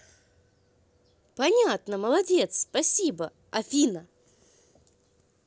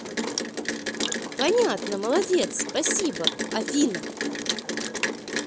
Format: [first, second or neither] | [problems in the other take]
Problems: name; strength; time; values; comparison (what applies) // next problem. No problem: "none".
first | background sound (Rain); 2 dB below the speech